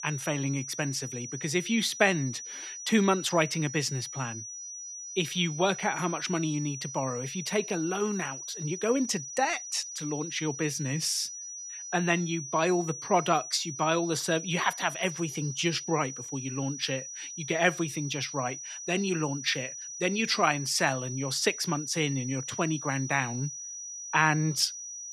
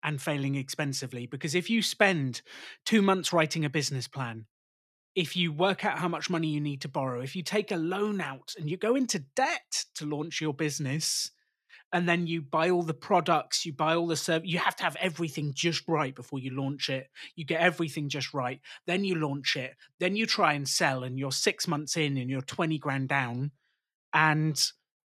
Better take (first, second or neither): second